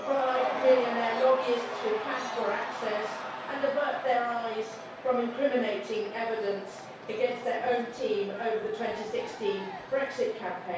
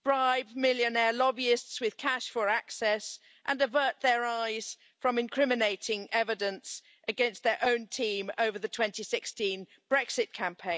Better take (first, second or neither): second